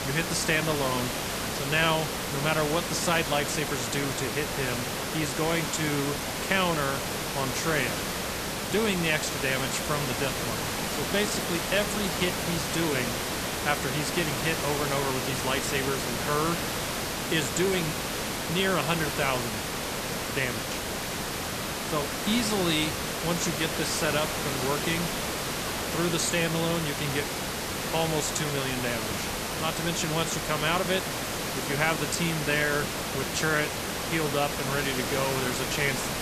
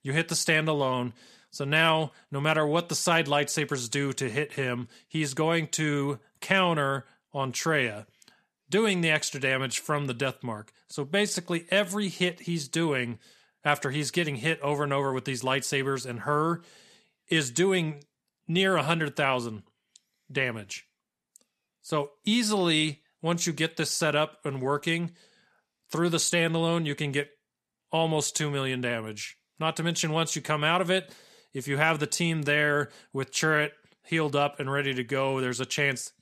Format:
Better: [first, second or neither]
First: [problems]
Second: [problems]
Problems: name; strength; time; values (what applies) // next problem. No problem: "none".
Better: second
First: hiss; loud; throughout; 1 dB below the speech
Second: none